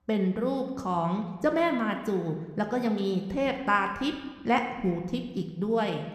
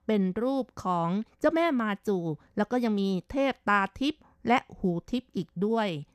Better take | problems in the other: second | room echo; slight; dies away in 1.1 s

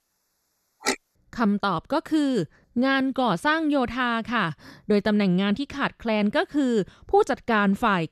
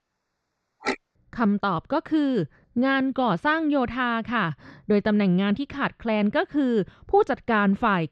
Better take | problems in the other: first | muffled; slightly; fading above 3 kHz

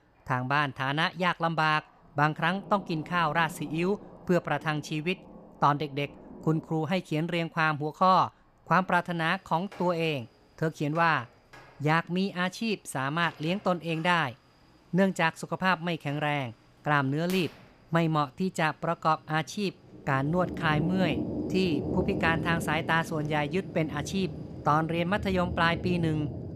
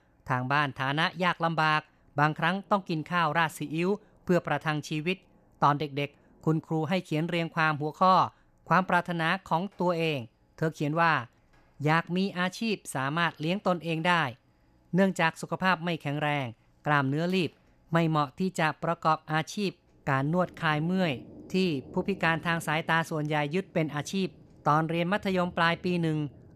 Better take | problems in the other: second | rain or running water; loud; throughout; 9 dB below the speech; faint in the second

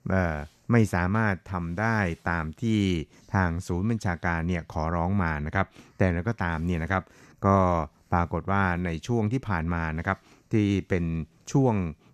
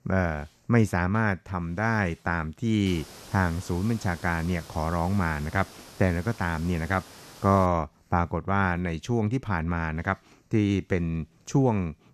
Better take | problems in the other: first | hiss; noticeable; from 3 to 7.5 s; 20 dB below the speech

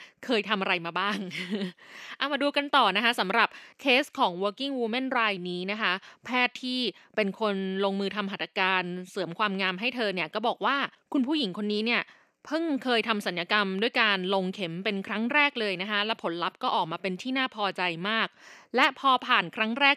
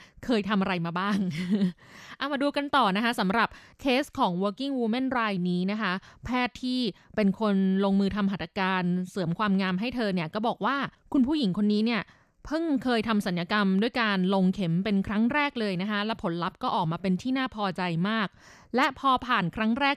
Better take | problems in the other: second | thin; very slightly; fading below 350 Hz

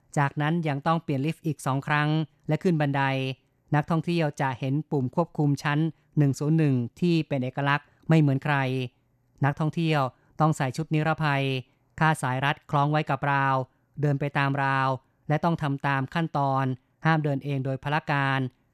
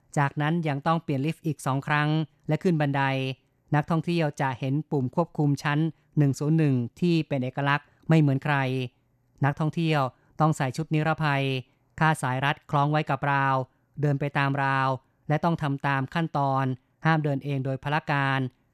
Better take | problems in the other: neither | none

